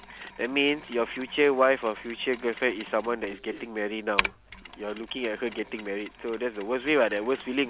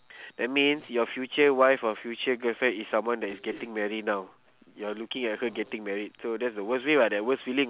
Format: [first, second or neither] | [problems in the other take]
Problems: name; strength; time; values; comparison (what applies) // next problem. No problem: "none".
second | background sound (Mechanisms); 12 dB below the speech